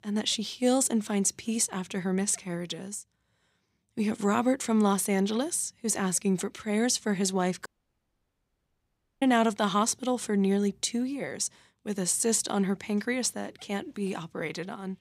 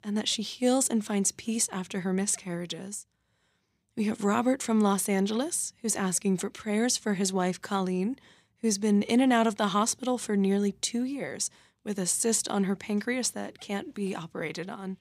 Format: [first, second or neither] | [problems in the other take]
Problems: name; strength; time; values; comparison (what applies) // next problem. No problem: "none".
second | audio cutting out; at 7.5 s for 1.5 s